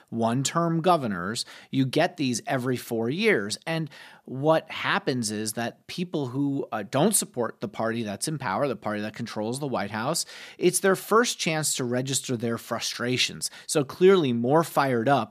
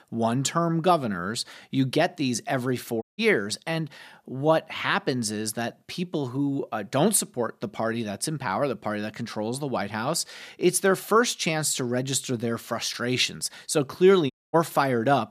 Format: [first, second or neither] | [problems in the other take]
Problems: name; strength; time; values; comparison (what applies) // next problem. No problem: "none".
first | audio cutting out; at 3 s and at 14 s